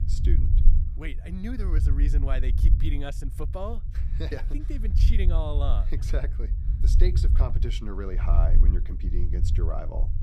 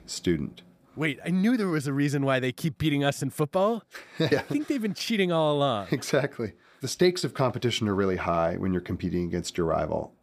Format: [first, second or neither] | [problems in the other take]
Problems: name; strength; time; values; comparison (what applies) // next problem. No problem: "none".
second | low rumble; loud; throughout; 7 dB below the speech